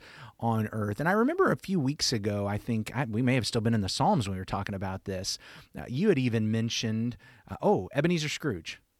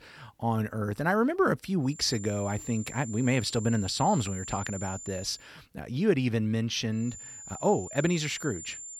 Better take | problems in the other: first | high-pitched whine; noticeable; from 2 to 5.5 s and from 7 s on; 7 kHz, 10 dB below the speech

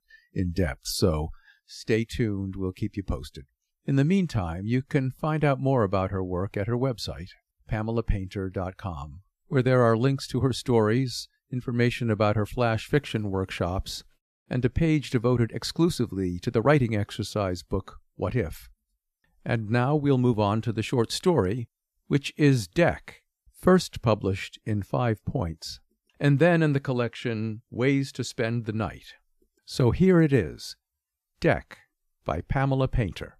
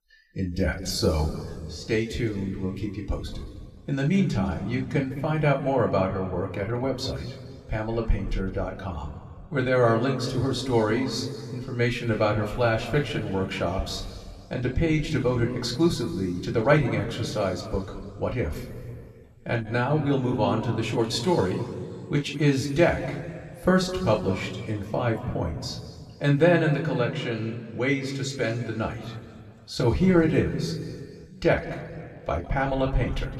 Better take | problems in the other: first | room echo; slight; dies away in 2 s // off-mic speech; somewhat distant

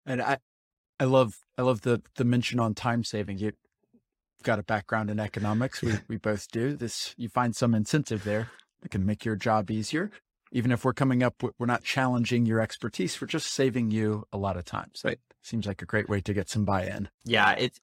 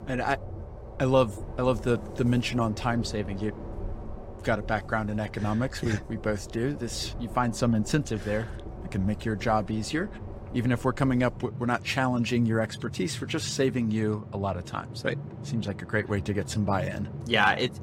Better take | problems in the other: first | train or aircraft noise; noticeable; throughout; 10 dB below the speech

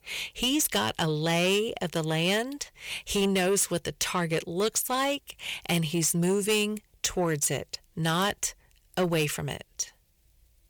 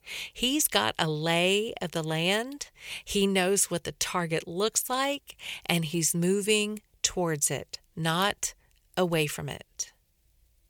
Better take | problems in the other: second | distortion; slight; 10 dB below the speech

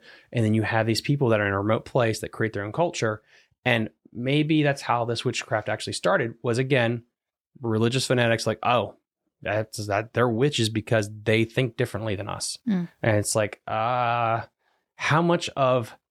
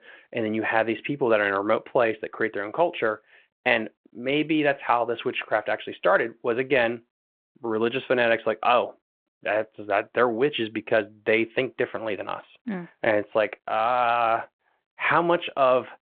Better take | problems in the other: first | phone-call audio

